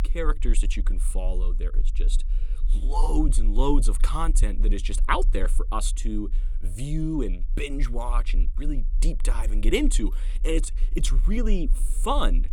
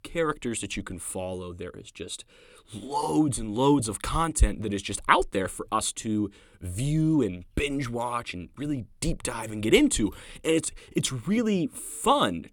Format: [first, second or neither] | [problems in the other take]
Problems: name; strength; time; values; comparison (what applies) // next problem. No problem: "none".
second | low rumble; faint; throughout; 25 dB below the speech